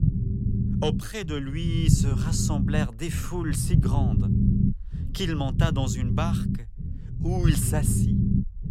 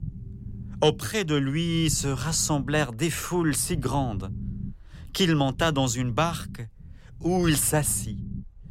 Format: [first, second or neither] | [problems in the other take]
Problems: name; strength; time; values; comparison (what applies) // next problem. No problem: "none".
second | low rumble; loud; throughout; 3 dB below the speech; faint in the second